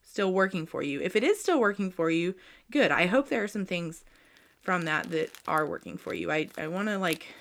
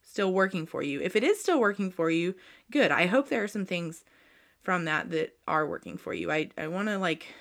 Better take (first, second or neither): second